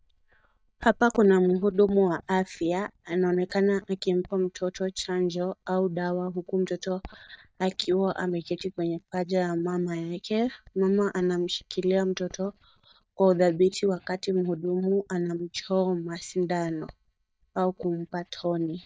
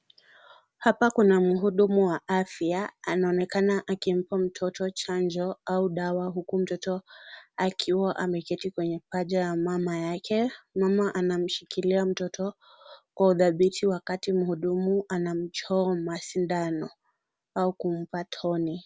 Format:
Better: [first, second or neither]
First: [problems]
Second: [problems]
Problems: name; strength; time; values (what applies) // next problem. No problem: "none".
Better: second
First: noise reduction (neural mask model DeepFilterNet 3)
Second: none